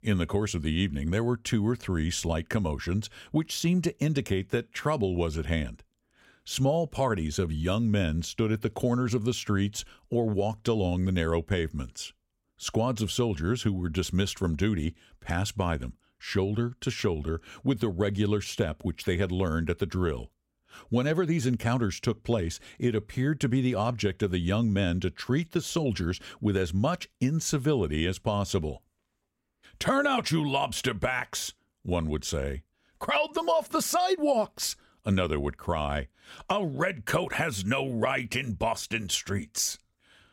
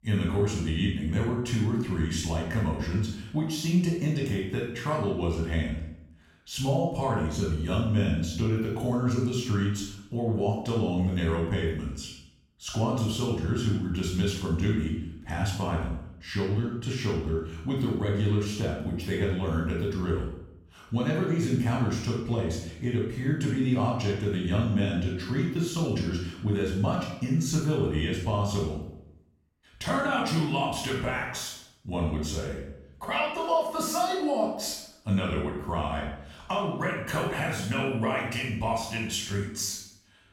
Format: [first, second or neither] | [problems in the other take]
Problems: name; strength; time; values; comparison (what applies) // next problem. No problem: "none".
first | off-mic speech; far // room echo; noticeable; dies away in 0.6 s